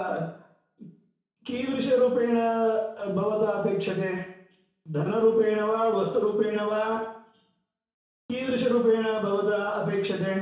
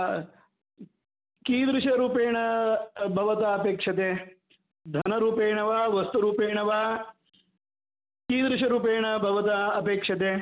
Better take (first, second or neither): second